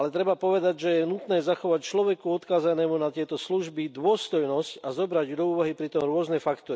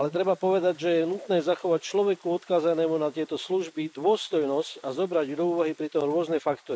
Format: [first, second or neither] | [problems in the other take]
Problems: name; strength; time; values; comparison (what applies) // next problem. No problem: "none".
first | noise reduction (neural mask model Resemble Enhance denoiser)